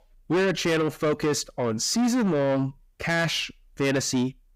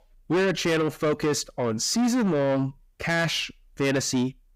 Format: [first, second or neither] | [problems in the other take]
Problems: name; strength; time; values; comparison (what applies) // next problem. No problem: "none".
neither | distortion; heavy; 8 dB below the speech; the same in both